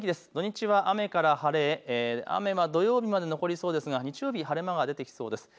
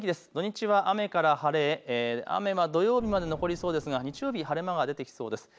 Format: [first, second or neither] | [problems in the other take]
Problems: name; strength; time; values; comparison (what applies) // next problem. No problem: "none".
first | background sound (Boom); 18 dB below the speech